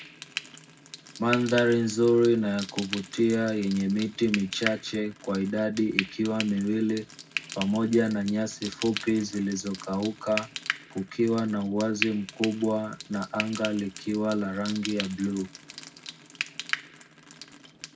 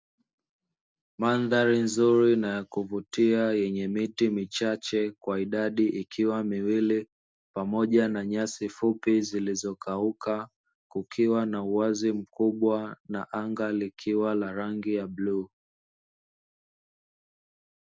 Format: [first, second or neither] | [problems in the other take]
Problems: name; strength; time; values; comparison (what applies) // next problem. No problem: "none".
second | background sound (Frying (food)); 11 dB below the speech // room echo; dies away in 0.3 s